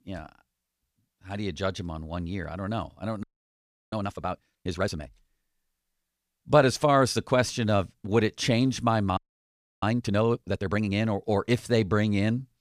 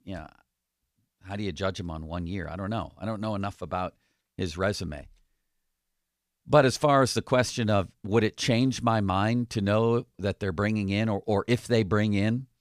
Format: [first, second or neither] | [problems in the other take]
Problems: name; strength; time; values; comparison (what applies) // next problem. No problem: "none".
second | audio freezing; at 3 s for 0.5 s and at 9 s for 0.5 s